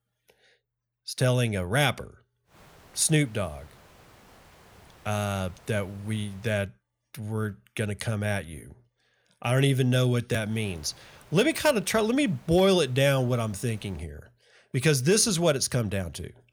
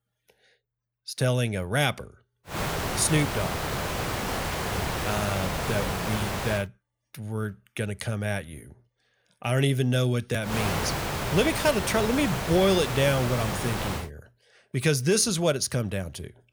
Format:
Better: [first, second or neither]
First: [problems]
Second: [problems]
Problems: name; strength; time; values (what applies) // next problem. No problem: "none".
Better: first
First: hiss; faint; from 2.5 to 6.5 s and from 10 to 14 s; 30 dB below the speech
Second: hiss; loud; from 2.5 to 6.5 s and from 10 to 14 s; 3 dB below the speech